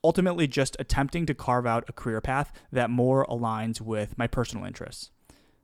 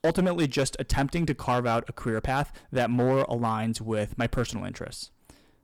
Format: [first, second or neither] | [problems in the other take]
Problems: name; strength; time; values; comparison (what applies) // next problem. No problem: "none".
first | distortion; slight; 6% of the sound clipped